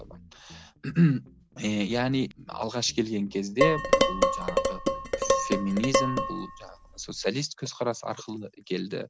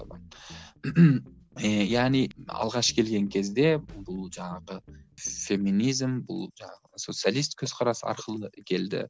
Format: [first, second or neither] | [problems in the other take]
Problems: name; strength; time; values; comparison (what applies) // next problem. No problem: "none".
second | background sound (Dishes, pots, and pans); 3 dB above the speech